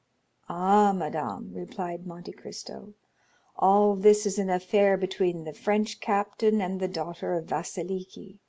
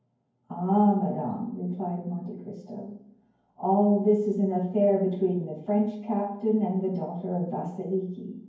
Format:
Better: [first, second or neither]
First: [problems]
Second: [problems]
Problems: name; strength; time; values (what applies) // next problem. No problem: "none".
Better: first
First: none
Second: room echo; dies away in 0.9 s